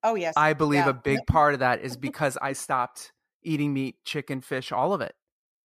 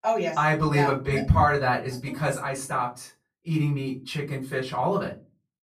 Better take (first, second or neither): first